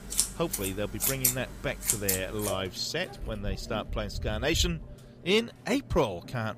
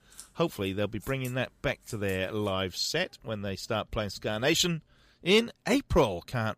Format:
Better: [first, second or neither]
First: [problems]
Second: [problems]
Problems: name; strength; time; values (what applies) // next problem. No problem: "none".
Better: second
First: household noises; loud; throughout; as loud as the speech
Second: household noises; faint; throughout; 25 dB below the speech